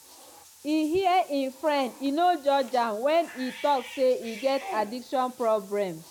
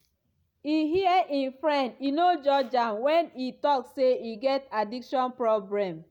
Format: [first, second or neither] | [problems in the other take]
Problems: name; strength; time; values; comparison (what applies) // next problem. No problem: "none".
second | background sound (Bathtub (filling or washing) / Cat); 19 dB below the speech